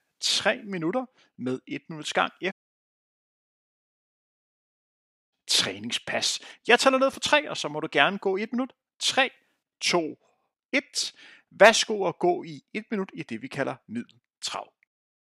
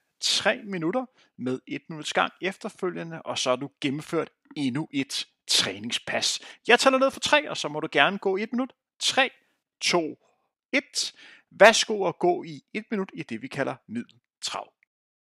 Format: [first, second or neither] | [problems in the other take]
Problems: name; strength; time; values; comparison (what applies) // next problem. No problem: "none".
second | audio cutting out; at 2.5 s for 3 s